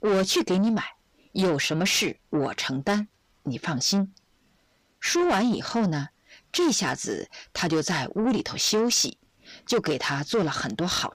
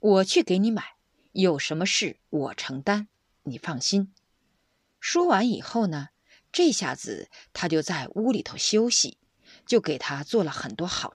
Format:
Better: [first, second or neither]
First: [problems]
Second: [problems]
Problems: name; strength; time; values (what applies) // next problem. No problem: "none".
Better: second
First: distortion; heavy; 8 dB below the speech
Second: none